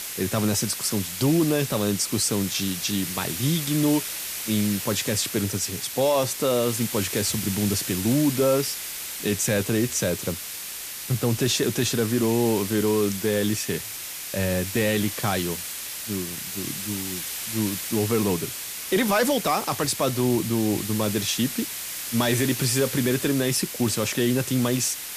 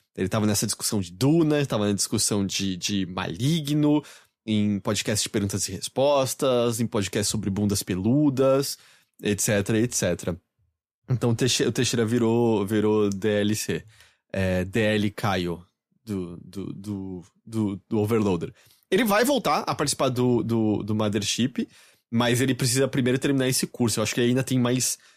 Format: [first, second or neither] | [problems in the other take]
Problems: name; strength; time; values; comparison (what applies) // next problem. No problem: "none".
second | hiss; loud; throughout; 6 dB below the speech